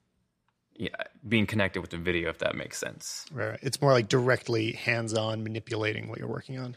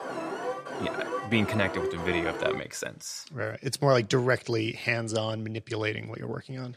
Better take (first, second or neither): first